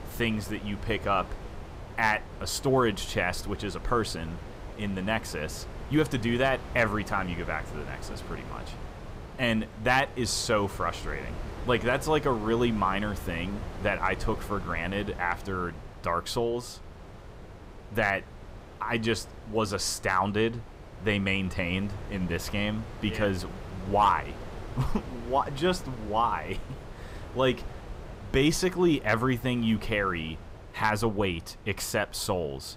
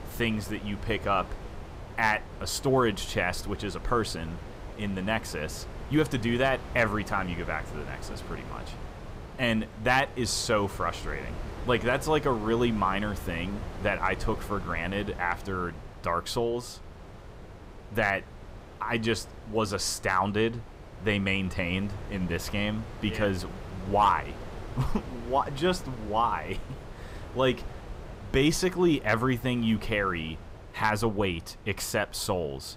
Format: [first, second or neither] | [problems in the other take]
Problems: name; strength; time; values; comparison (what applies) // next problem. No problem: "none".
neither | wind noise on the microphone; occasional gusts; 15 dB below the speech; the same in both